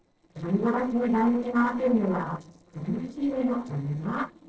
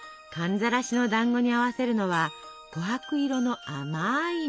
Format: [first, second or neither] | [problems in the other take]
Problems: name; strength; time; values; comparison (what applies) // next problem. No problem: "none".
second | noise reduction (neural separator model SepFormer DNS4)